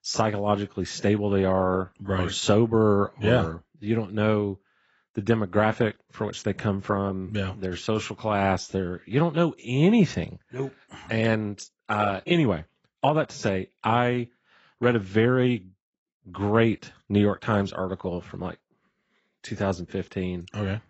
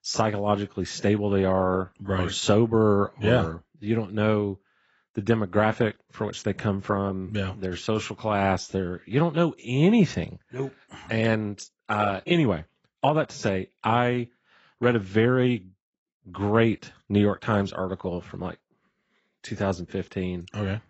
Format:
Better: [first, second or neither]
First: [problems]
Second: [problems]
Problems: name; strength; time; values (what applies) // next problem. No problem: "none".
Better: neither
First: garbled, watery; badly; nothing above 7.5 kHz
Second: garbled, watery; badly; nothing above 7.5 kHz